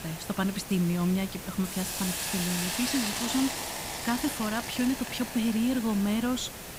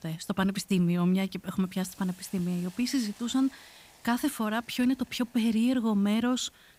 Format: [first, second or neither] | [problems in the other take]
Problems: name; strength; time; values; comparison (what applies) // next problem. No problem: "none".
second | hiss; loud; throughout; 4 dB below the speech; faint in the second